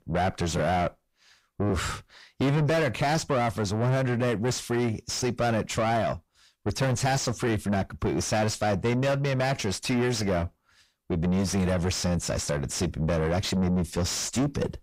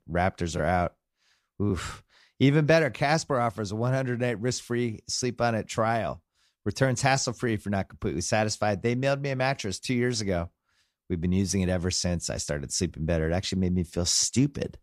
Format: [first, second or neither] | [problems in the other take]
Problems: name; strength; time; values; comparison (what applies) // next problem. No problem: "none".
second | distortion; heavy; 5 dB below the speech